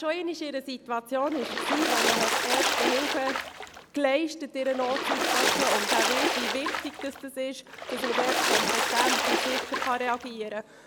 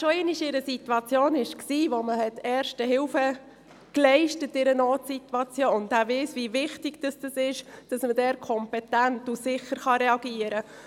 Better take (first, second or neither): second